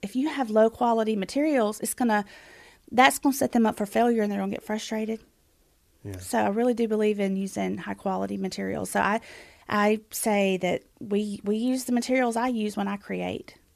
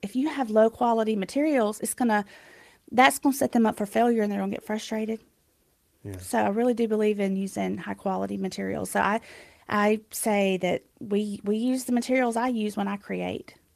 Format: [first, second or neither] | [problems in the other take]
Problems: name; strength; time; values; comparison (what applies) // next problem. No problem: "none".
first | garbled, watery; slightly; nothing above 14.5 kHz